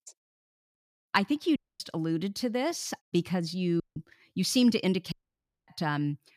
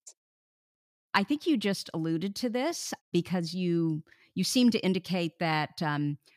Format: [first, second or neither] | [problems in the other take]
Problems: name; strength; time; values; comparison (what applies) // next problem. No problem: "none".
second | audio cutting out; at 1.5 s, at 4 s and at 5 s for 0.5 s